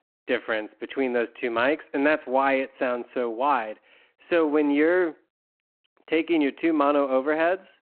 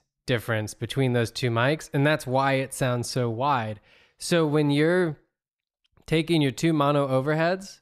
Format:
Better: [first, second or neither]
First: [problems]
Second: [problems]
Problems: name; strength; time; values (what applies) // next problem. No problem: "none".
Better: second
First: phone-call audio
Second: none